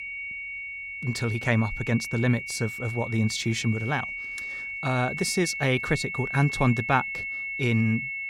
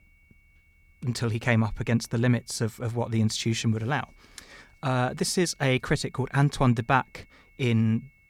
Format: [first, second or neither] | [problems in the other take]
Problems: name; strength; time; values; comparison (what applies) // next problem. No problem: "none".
second | high-pitched whine; loud; throughout; 2 kHz, 5 dB below the speech; faint in the second